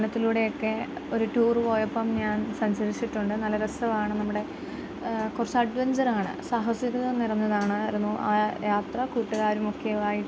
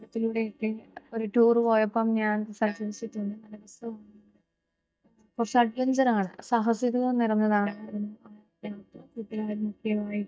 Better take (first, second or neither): first